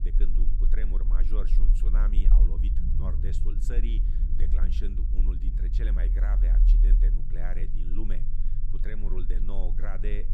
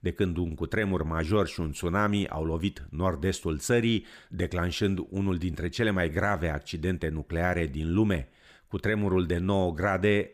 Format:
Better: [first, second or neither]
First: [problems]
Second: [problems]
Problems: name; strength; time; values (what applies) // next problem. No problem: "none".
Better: second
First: low rumble; loud; throughout; 5 dB below the speech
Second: none